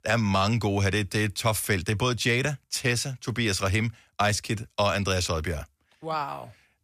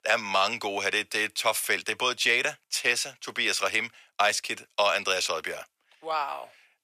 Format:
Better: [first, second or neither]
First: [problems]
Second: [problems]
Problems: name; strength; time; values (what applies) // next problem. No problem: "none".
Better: first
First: none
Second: thin; very; fading below 600 Hz